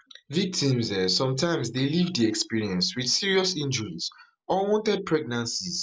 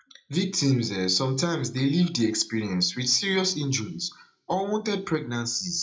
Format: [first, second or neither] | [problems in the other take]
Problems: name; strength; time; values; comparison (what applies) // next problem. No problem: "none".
first | room echo; dies away in 0.3 s